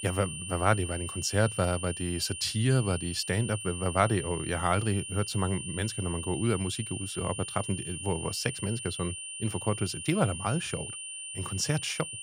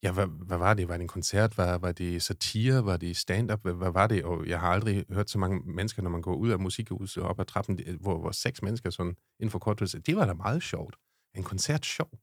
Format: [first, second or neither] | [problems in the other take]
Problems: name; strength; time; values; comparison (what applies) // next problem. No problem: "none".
second | high-pitched whine; loud; throughout; 9 kHz, 7 dB below the speech